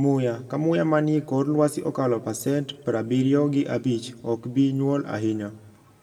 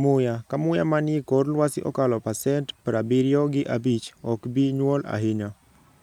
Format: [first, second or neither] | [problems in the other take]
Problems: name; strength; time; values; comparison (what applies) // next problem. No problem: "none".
second | room echo; dies away in 0.5 s